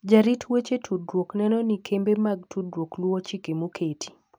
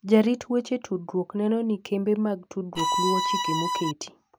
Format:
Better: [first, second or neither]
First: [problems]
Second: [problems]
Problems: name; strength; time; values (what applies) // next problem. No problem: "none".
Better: first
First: none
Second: background sound (Bowed string instrument); as loud as the speech